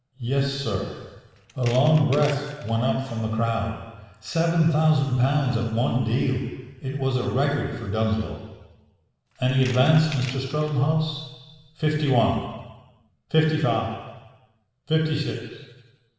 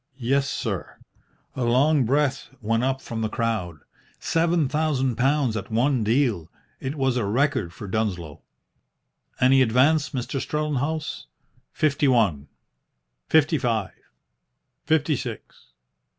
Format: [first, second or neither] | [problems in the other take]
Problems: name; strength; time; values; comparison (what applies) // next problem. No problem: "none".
second | background sound (Tools); 18 dB below the speech // room echo; dies away in 1.3 s